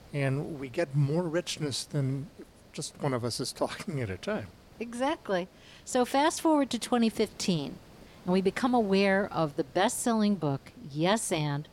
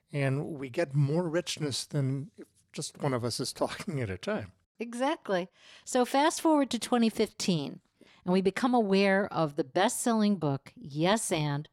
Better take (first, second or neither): second